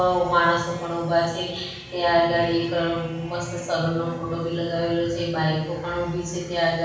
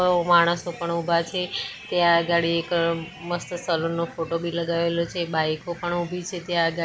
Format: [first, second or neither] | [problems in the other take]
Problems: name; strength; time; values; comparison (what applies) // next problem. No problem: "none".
second | room echo; dies away in 1.2 s